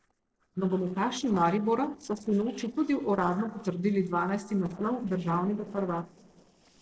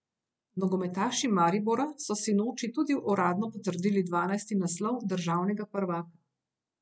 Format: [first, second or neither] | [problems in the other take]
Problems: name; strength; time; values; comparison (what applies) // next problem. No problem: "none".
second | noise reduction (neural separator model SepFormer DNS4)